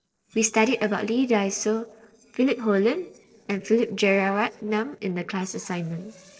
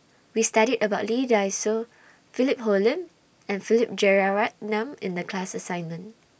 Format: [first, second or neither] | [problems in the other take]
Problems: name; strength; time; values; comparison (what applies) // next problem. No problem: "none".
second | noise reduction (neural separator model SepFormer DNS4)